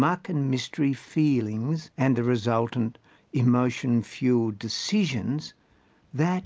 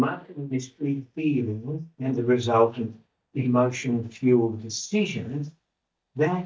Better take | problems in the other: first | noise reduction (neural mask model DeepFilterNet 3)

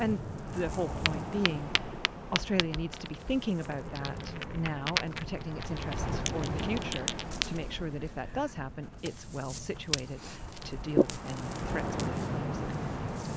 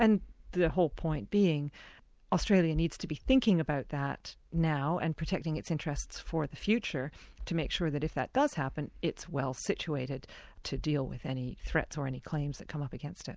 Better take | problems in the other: second | background sound (Ocean); 1 dB above the speech

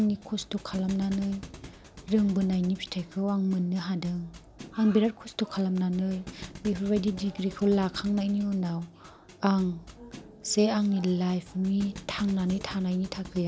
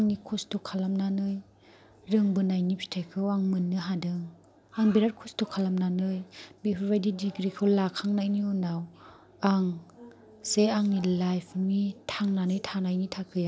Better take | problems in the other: second | background sound (Thump, thud); 19 dB below the speech

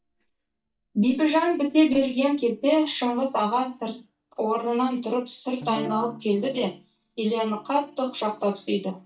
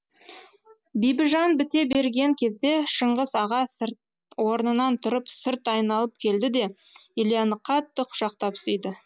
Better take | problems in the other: second | noise reduction (neural mask model DeepFilterNet 3)

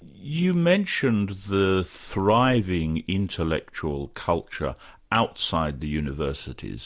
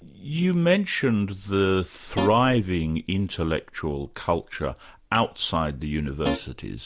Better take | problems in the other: first | background sound (Guitar); 5 dB below the speech

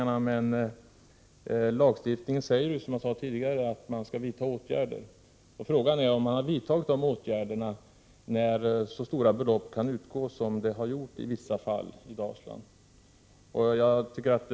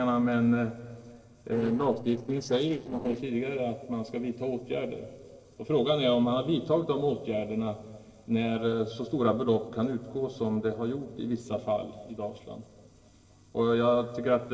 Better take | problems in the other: first | noise reduction (neural separator model SepFormer DNS4)

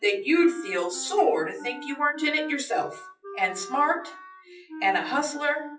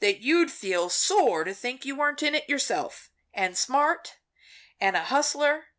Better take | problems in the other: second | noise reduction (classical method WPE with log-MMSE)

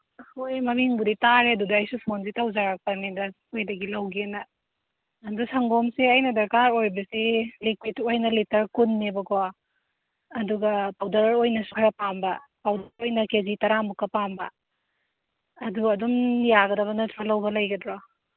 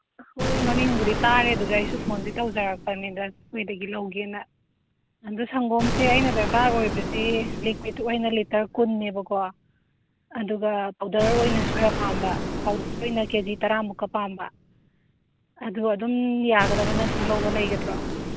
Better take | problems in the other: first | background sound (Explosion); 4 dB below the speech

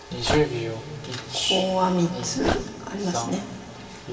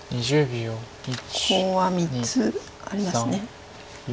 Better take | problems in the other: second | background sound (Dog); 6 dB below the speech // room echo; dies away in 2.5 s

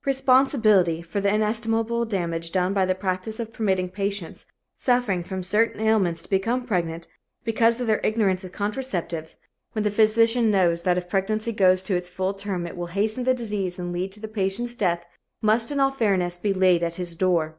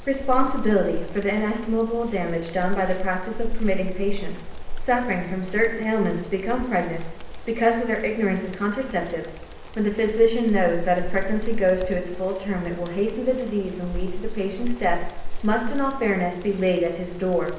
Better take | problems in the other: first | background sound (Insect); 3 dB below the speech // room echo; dies away in 0.8 s

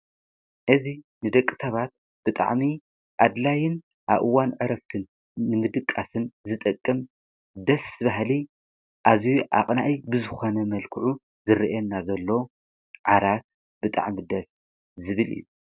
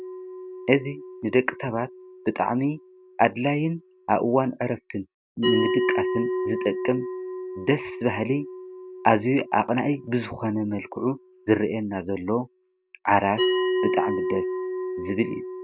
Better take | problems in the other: first | background sound (Bell); 5 dB below the speech

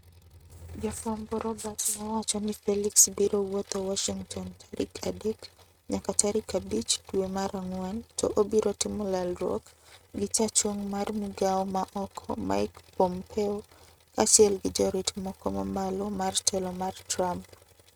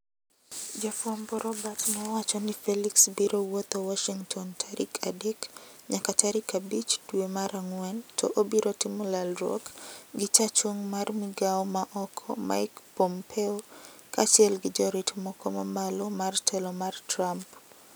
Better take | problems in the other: second | noise reduction (neural mask model RNNoise)

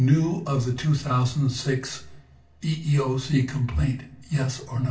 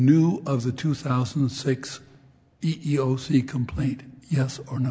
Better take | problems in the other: second | room echo; dies away in 0.3 s

